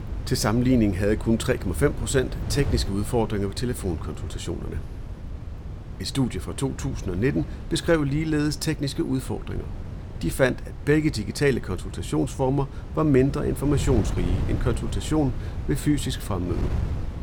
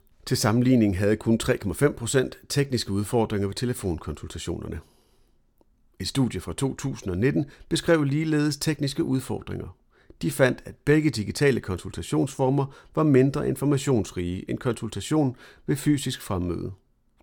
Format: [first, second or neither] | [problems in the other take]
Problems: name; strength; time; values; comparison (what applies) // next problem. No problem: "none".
second | wind noise on the microphone; occasional gusts; 15 dB below the speech